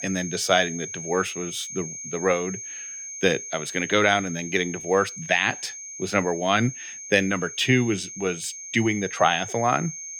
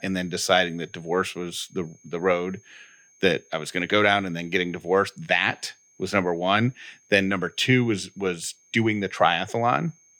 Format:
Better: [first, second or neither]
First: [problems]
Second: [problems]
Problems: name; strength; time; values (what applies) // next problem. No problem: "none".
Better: second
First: high-pitched whine; loud; throughout; 6.5 kHz, 10 dB below the speech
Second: high-pitched whine; faint; throughout; 6.5 kHz, 30 dB below the speech